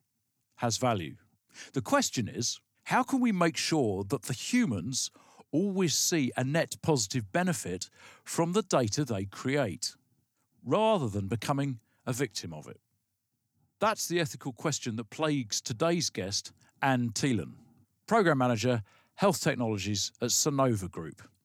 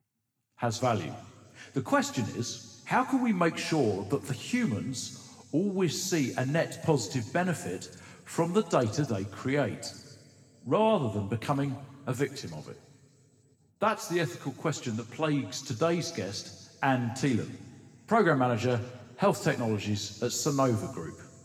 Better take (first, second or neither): first